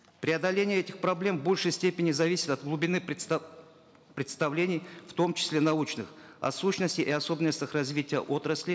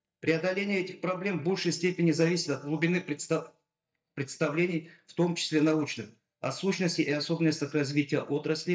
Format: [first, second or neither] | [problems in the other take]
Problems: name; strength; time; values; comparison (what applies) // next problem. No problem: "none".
first | noise reduction (neural mask model DeepFilterNet 3)